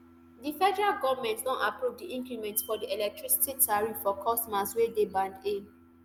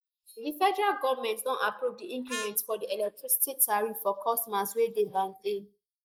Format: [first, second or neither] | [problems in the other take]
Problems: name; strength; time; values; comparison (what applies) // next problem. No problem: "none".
first | noise reduction (neural mask model Resemble Enhance denoiser)